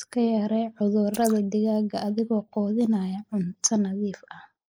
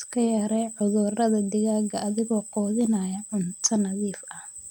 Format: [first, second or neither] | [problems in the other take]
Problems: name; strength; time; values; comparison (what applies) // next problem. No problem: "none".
second | noise reduction (neural mask model Resemble Enhance denoiser)